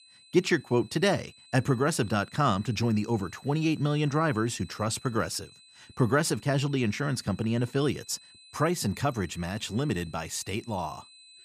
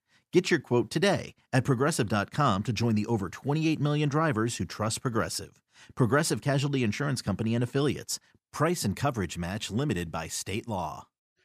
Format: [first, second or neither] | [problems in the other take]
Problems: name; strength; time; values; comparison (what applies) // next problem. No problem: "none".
second | high-pitched whine; faint; throughout; 4 kHz, 25 dB below the speech